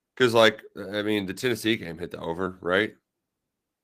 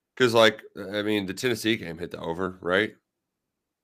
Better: second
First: garbled, watery; slightly; nothing above 15 kHz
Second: none

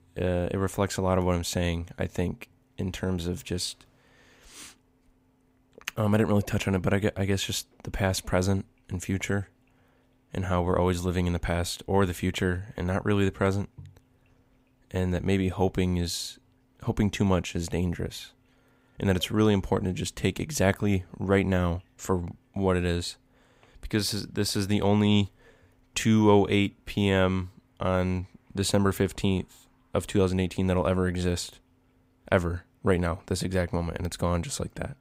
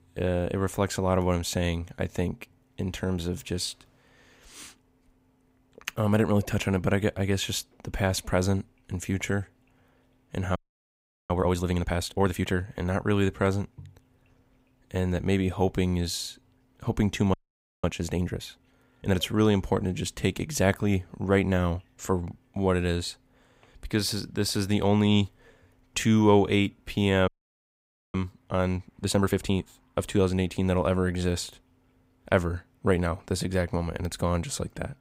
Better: first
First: none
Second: audio freezing; at 11 s for 0.5 s, at 17 s and at 27 s for 1 s

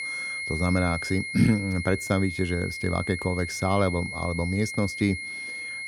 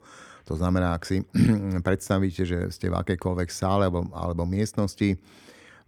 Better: second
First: high-pitched whine; loud; throughout; 2 kHz, 6 dB below the speech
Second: none

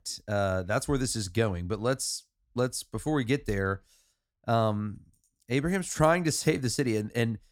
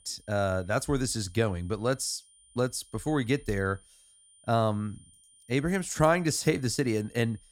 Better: first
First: none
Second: high-pitched whine; faint; throughout; 9 kHz, 30 dB below the speech

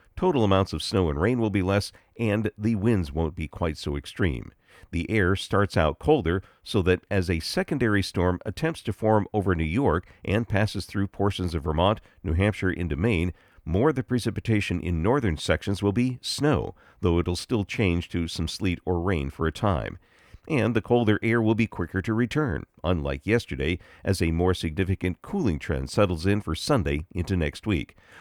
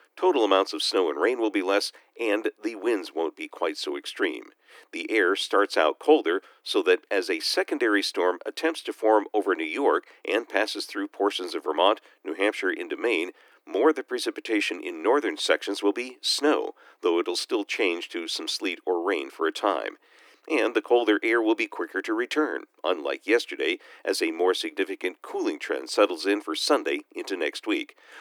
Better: first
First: none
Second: thin; very; fading below 300 Hz

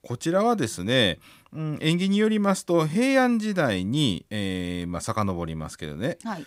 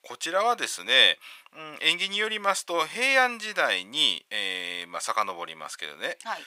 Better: first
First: none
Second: thin; very; fading below 850 Hz

